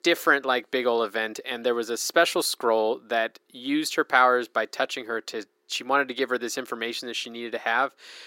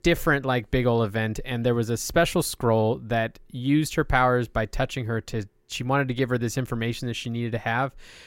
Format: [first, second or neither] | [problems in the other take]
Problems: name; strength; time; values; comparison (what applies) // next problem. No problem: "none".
second | thin; somewhat; fading below 300 Hz